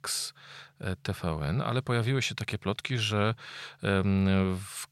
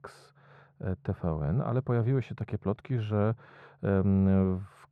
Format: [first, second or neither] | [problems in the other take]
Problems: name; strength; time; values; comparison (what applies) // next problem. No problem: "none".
first | muffled; very; fading above 2 kHz